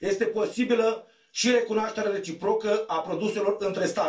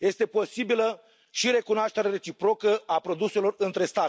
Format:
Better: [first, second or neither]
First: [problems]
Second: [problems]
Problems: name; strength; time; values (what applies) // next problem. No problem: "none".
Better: second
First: room echo; dies away in 0.2 s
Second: none